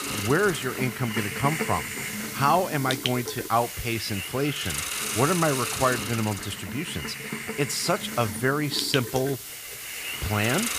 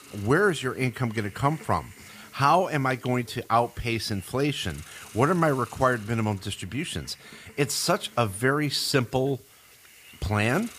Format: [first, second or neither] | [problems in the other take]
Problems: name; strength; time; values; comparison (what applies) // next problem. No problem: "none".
second | hiss; loud; throughout; 4 dB below the speech; faint in the second